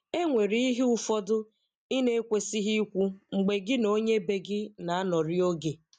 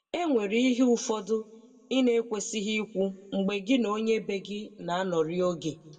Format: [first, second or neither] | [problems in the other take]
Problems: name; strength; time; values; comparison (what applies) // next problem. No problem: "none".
first | room echo; dies away in 1.2 s